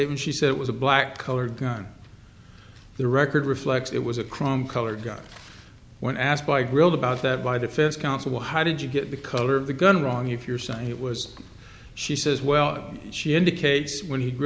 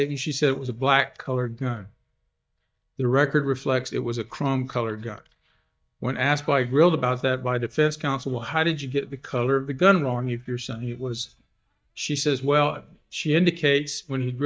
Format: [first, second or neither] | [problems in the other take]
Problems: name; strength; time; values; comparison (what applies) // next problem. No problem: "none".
first | noise reduction (neural mask model DeepFilterNet 3)